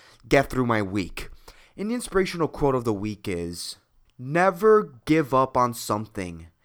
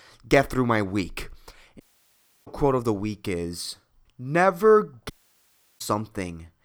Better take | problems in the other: first | audio cutting out; at 2 s for 0.5 s and at 5 s for 0.5 s

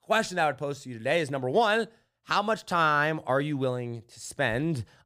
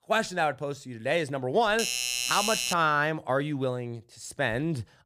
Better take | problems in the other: first | doorbell; loud; from 1.5 to 2.5 s; peak 1 dB above the speech

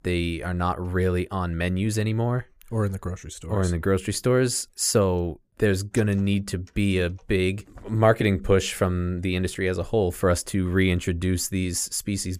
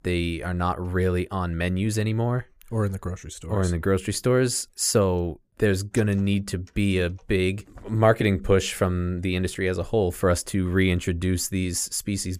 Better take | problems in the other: neither | none

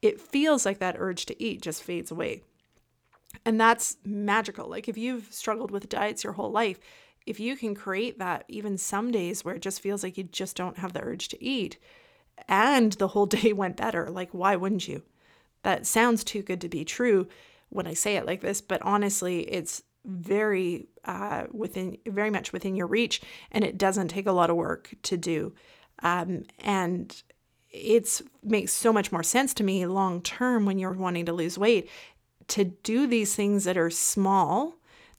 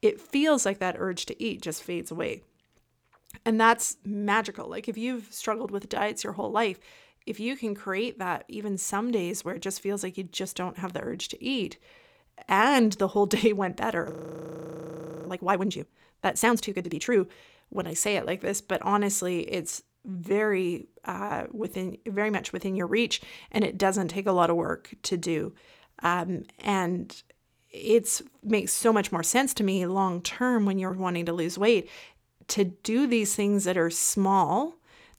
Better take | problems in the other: first | audio freezing; at 14 s for 1 s

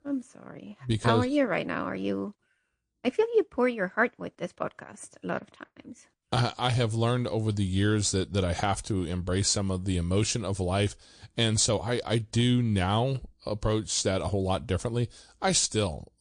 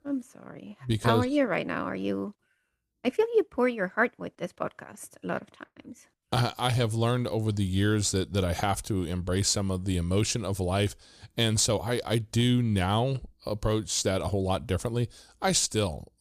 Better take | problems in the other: second | garbled, watery; slightly; nothing above 9.5 kHz

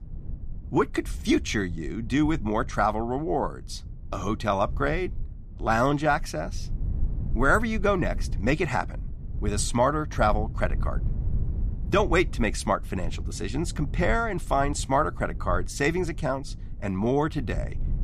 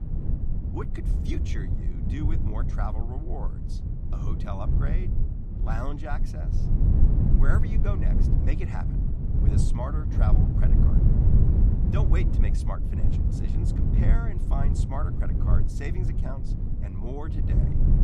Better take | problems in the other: first | low rumble; loud; throughout; as loud as the speech; faint in the first

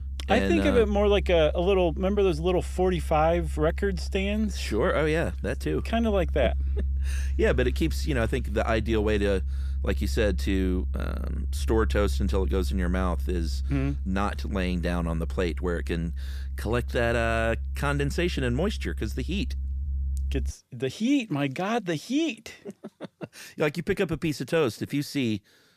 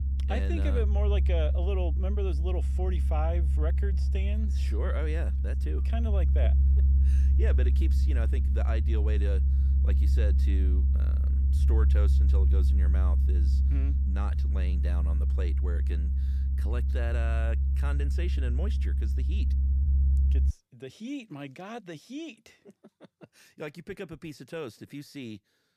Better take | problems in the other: first | low rumble; loud; until 21 s; 5 dB below the speech; faint in the first

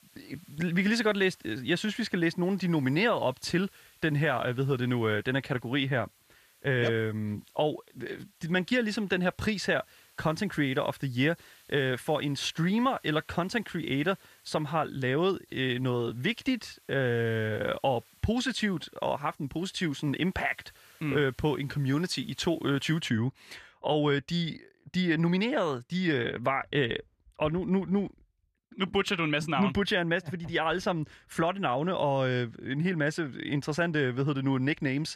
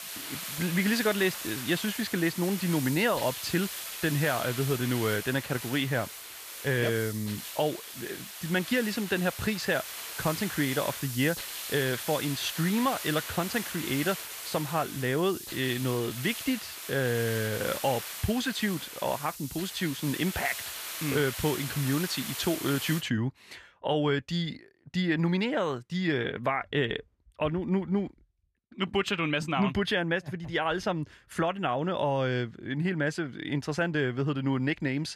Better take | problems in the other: first | hiss; loud; until 23 s; 7 dB below the speech; faint in the first

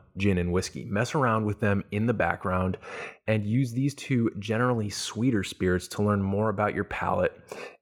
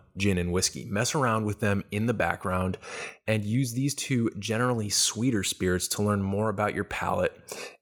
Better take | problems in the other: second | muffled; slightly; fading above 3.5 kHz

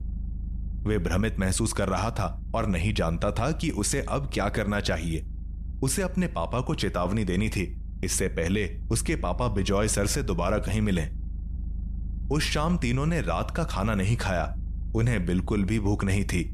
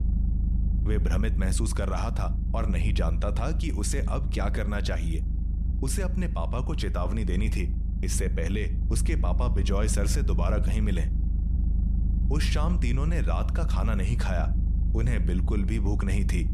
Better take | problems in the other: first | low rumble; loud; throughout; 10 dB below the speech; faint in the first

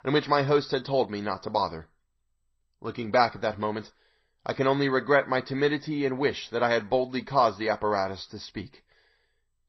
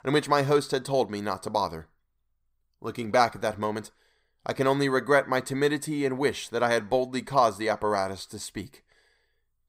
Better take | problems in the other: second | garbled, watery; slightly; nothing above 5.5 kHz

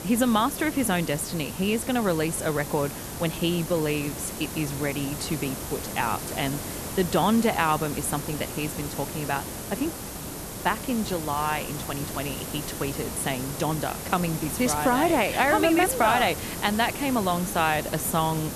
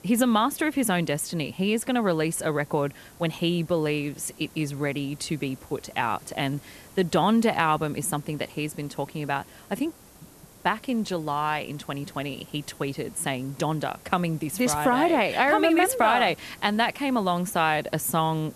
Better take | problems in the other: second | hiss; loud; throughout; 7 dB below the speech; faint in the second

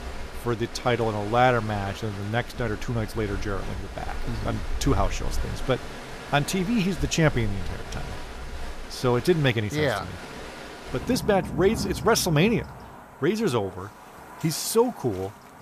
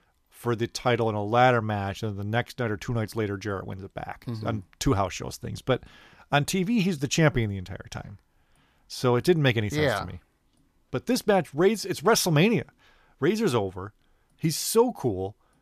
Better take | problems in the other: second | rain or running water; noticeable; throughout; 10 dB below the speech

